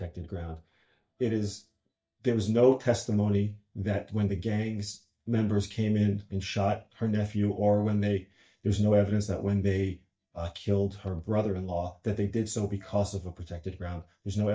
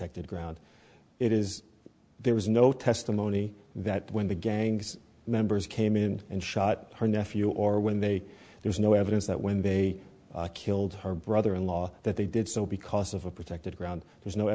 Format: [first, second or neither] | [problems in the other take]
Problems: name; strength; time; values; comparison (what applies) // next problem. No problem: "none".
second | noise reduction (neural mask model DeepFilterNet 3)